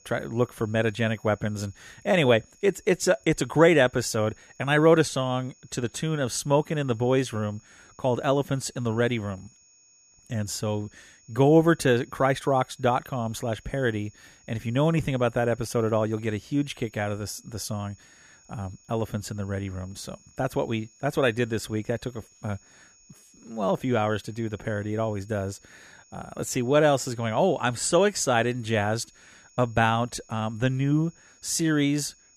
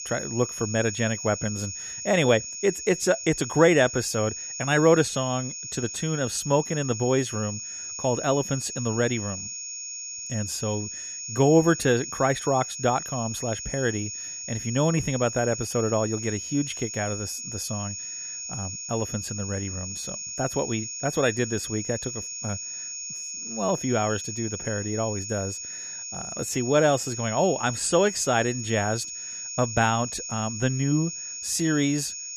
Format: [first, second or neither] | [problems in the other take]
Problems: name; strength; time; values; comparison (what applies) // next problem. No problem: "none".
first | high-pitched whine; loud; throughout; 6.5 kHz, 7 dB below the speech; faint in the first